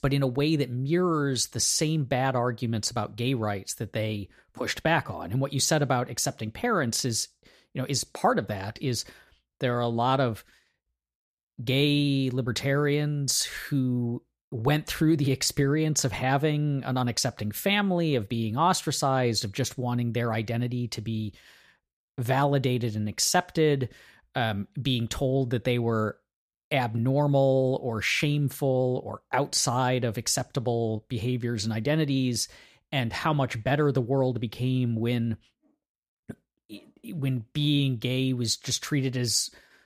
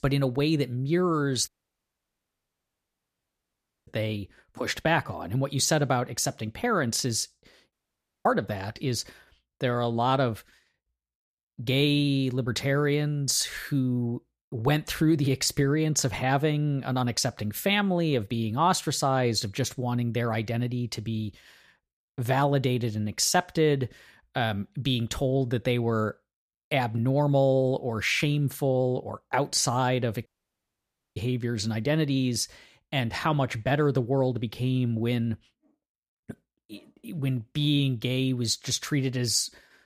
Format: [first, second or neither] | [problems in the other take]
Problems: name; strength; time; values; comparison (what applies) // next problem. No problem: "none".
first | audio cutting out; at 1.5 s for 2.5 s, at 7.5 s for 0.5 s and at 30 s for 1 s